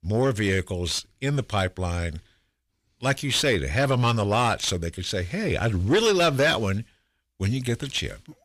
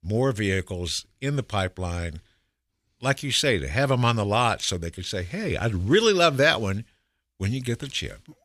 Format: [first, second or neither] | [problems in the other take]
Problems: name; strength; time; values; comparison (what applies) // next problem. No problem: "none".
second | distortion; slight; 10 dB below the speech